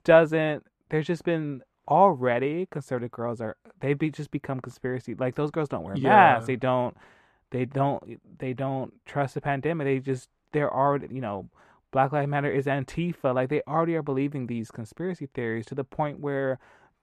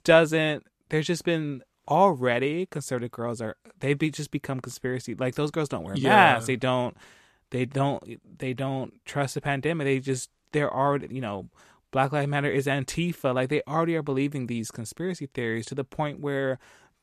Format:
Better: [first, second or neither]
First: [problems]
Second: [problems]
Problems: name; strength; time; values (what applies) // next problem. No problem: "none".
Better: second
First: muffled; slightly; fading above 3 kHz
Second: none